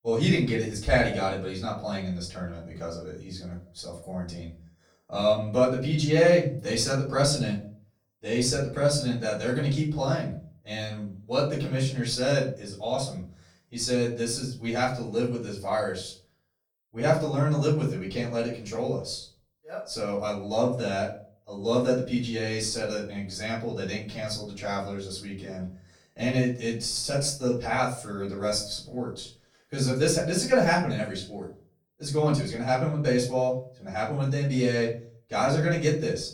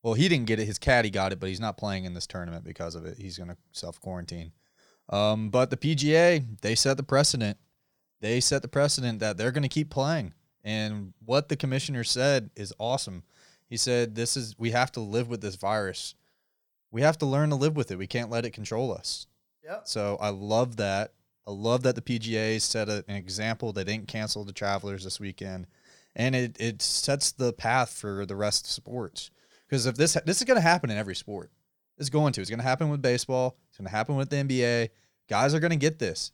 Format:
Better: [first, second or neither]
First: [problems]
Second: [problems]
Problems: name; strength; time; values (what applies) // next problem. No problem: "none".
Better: second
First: off-mic speech; far // room echo; slight; dies away in 0.4 s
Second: none